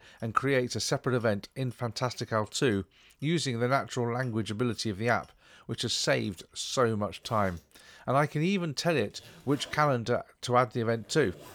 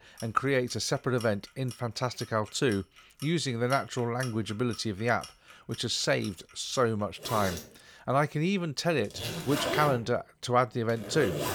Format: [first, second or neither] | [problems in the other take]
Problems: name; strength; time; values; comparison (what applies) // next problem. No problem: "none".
first | household noises; loud; throughout; 10 dB below the speech; faint in the first